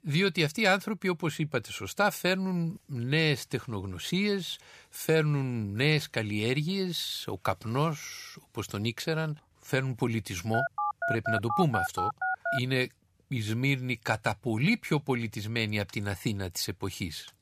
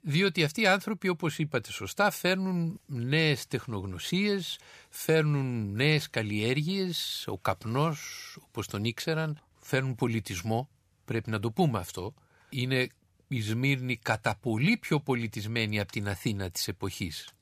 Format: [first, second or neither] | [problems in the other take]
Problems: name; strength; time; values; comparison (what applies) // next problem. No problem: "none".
second | phone ringing; noticeable; from 11 to 13 s; peak level with the speech